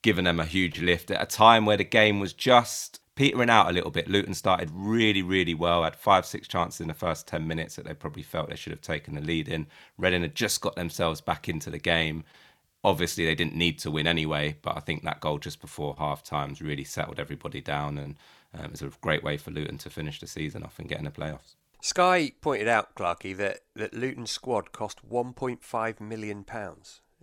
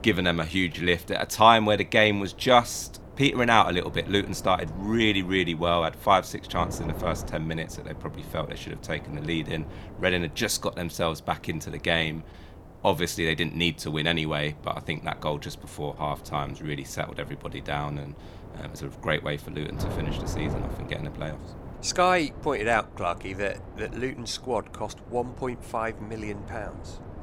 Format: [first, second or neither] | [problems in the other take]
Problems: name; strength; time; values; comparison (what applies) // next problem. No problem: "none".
first | wind noise on the microphone; occasional gusts; 20 dB below the speech